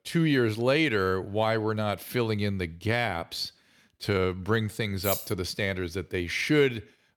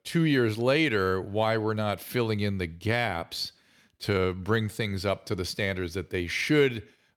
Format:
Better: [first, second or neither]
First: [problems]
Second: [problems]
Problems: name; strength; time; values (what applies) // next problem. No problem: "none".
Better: second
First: jangling keys; noticeable; at 5 s; peak 4 dB below the speech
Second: none